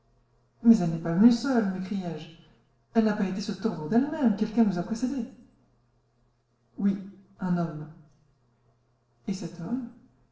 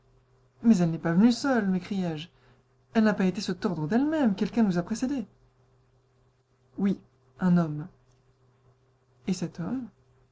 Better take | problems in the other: second | room echo; dies away in 0.7 s

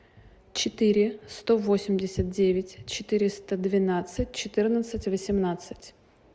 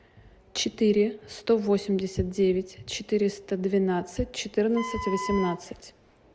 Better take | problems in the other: first | background sound (Wind instrument, woodwind instrument); 9 dB below the speech

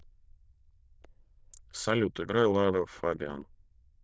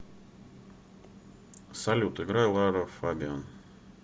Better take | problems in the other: second | noise reduction (neural diffusion model UNIVERSE++)

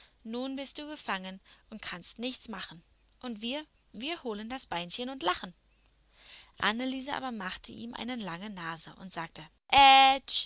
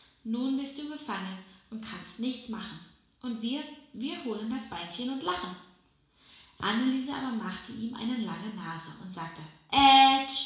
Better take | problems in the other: first | room echo; dies away in 0.7 s

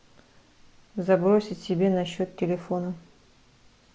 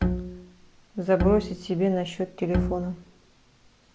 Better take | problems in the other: first | background sound (Bowed string instrument); 2 dB below the speech

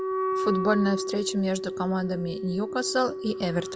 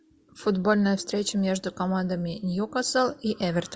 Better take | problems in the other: second | background sound (Wind instrument, woodwind instrument); 4 dB below the speech

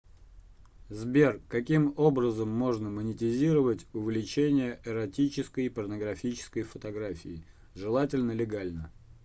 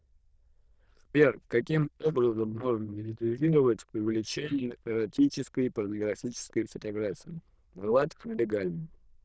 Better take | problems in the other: first | noise reduction (neural diffusion model UNIVERSE++)

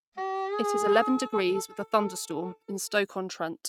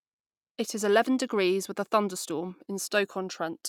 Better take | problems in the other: second | noise reduction (neural mask model RNNoise)

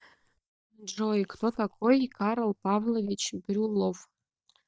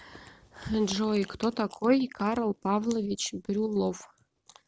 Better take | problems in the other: second | noise reduction (neural mask model DeepFilterNet 3)

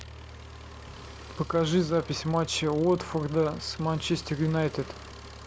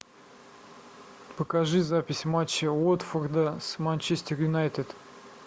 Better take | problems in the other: second | background sound (Engine + Drum kit); 16 dB below the speech

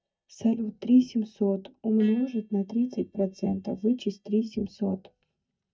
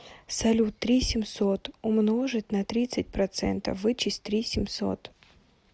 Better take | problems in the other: second | noise reduction (neural mask model DeepFilterNet 3)

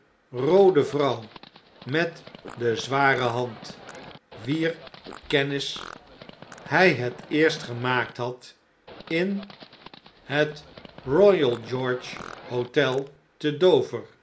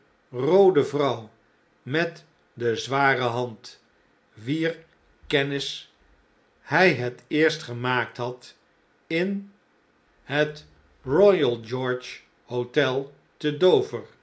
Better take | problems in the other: second | background sound (Livestock, farm animals, working animals + Fart); 19 dB below the speech

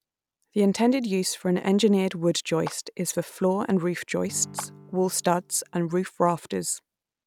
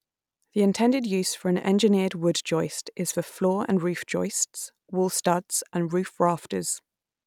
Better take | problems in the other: second | background sound (Acoustic guitar / Strum + Clapping); 19 dB below the speech

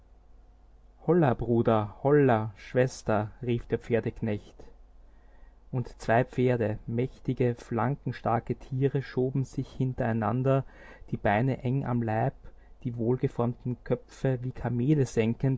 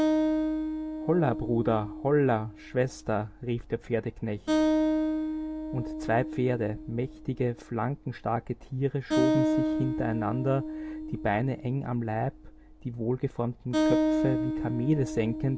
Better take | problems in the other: first | background sound (Acoustic guitar); 1 dB below the speech

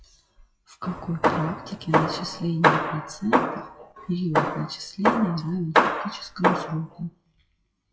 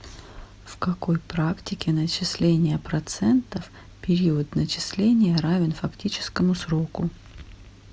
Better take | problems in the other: second | noise reduction (classical method WPE with log-MMSE)

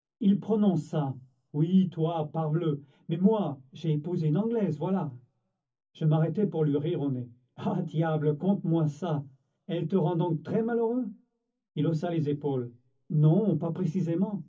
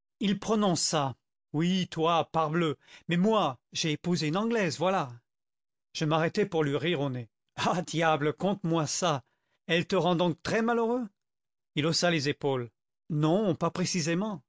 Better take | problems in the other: second | room echo; dies away in 0.3 s

